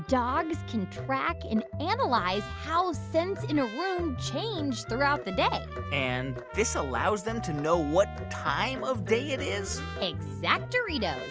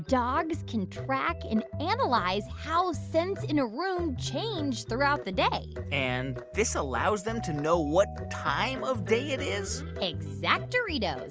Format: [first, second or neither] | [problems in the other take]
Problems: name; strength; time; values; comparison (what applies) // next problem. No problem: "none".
second | background sound (Trumpet); 17 dB below the speech